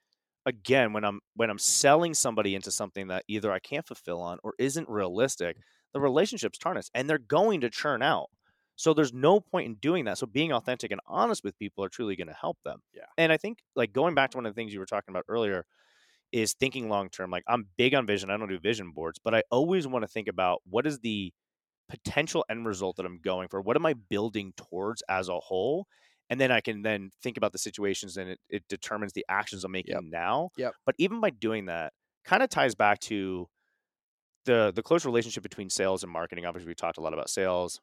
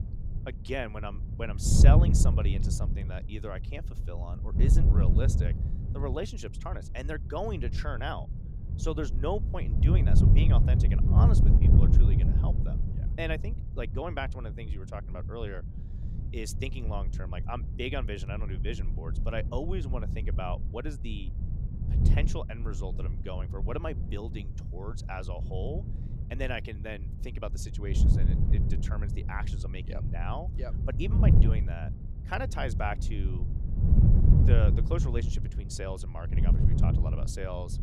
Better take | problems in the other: first | wind noise on the microphone; heavy; 4 dB below the speech

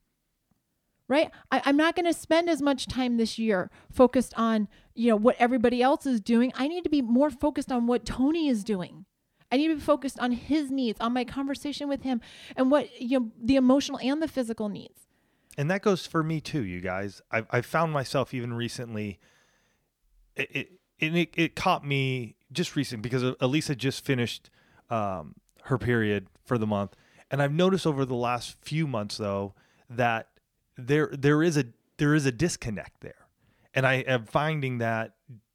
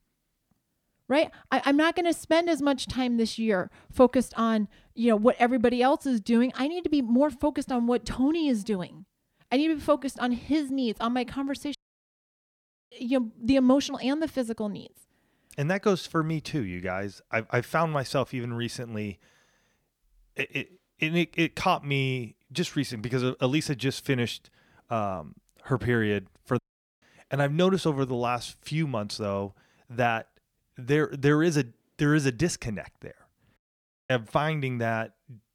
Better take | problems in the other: first | audio cutting out; at 12 s for 1 s, at 27 s and at 34 s for 0.5 s

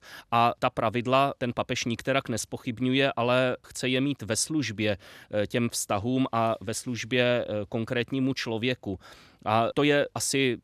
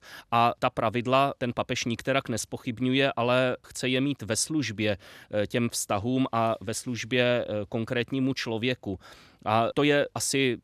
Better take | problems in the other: neither | none

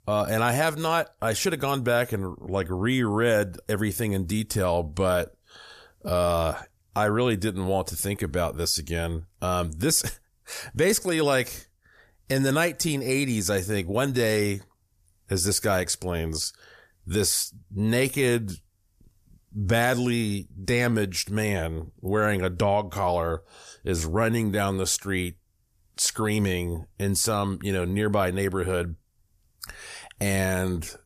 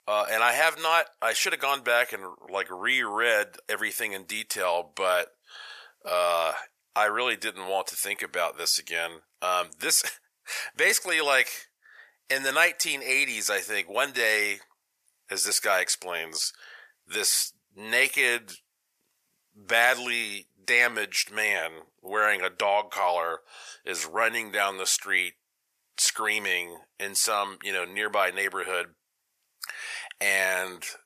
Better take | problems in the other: first | thin; very; fading below 750 Hz

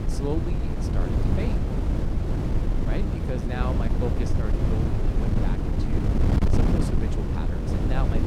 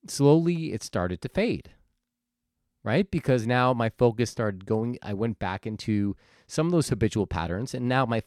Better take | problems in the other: second | wind noise on the microphone; heavy; 3 dB above the speech

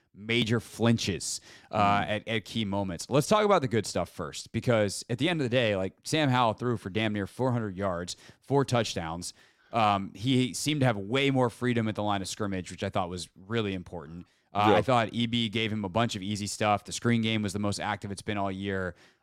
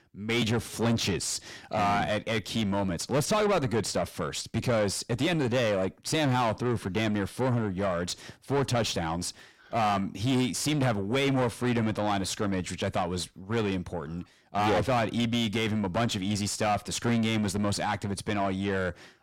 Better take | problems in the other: first | distortion; heavy; 7 dB below the speech

